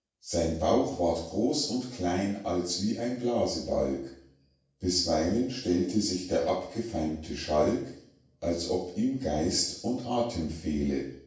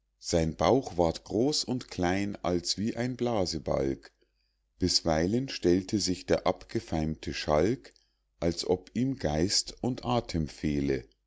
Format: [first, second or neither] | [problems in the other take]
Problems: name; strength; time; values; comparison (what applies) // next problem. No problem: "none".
second | room echo; dies away in 0.7 s